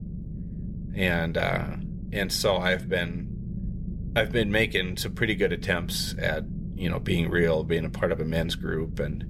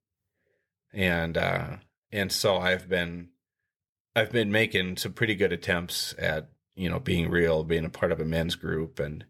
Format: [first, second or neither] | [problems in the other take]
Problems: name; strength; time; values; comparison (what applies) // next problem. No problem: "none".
second | low rumble; noticeable; throughout; 20 dB below the speech